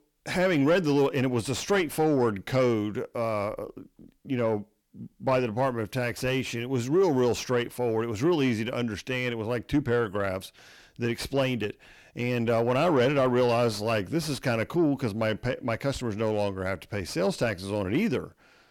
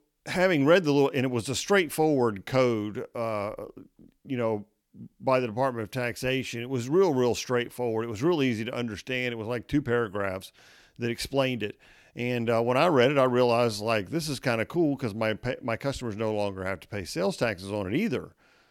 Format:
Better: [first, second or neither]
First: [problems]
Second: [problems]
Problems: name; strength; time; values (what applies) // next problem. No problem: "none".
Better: second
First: distortion; slight; 10 dB below the speech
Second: none